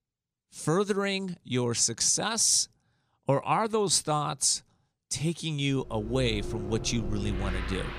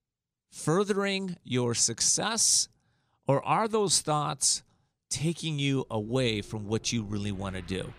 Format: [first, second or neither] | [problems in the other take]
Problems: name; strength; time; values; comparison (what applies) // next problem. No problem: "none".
second | traffic noise; loud; from 6 s on; 9 dB below the speech; faint in the second